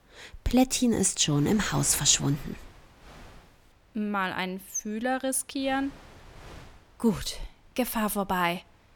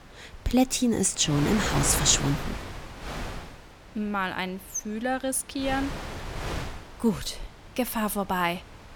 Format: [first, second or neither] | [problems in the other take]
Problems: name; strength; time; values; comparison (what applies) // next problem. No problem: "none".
first | wind noise on the microphone; heavy; 6 dB below the speech; occasional gusts in the first